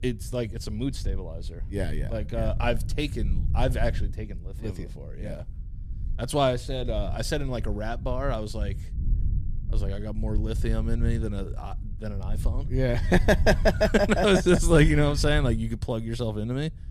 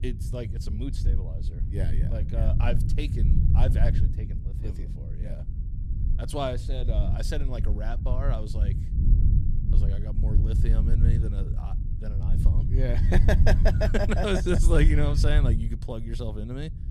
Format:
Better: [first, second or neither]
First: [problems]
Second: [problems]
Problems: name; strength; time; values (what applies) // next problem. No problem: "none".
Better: first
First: low rumble; faint; throughout; 20 dB below the speech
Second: low rumble; loud; throughout; 9 dB below the speech